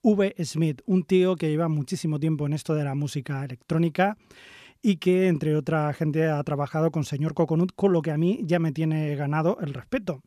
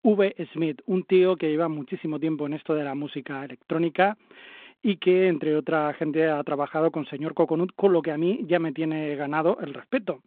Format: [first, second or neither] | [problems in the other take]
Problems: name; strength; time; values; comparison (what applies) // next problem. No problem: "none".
first | phone-call audio